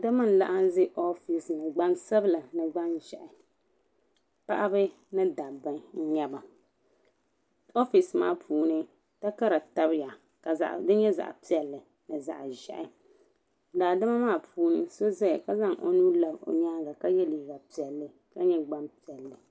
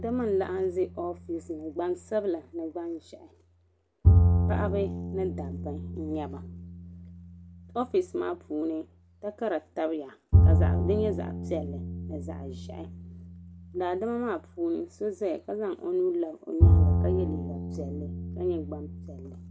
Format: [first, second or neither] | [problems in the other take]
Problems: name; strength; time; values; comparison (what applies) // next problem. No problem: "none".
first | background sound (Bowed string instrument); 4 dB above the speech